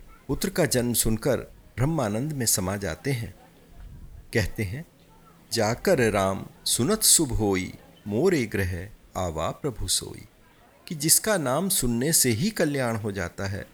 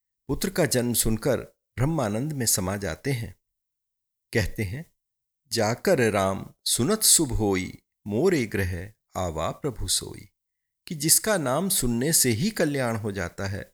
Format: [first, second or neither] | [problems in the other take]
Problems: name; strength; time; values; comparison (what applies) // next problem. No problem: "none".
second | hiss; faint; throughout; 30 dB below the speech